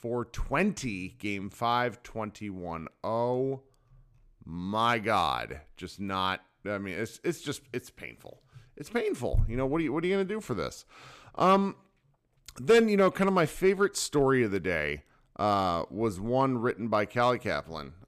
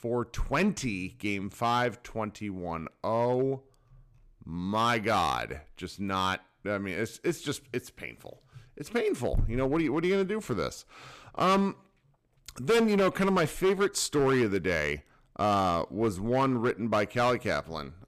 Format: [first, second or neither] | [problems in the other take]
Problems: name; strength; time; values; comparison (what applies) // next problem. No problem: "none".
first | distortion; slight; 5% of the sound clipped